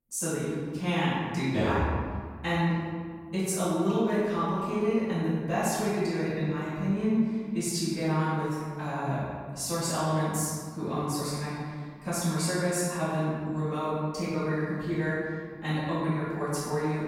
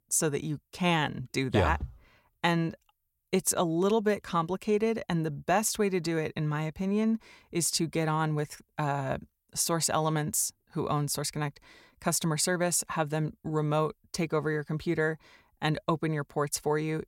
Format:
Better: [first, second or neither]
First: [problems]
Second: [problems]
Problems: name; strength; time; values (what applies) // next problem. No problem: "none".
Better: second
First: off-mic speech; far // room echo; strong; dies away in 1.8 s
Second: none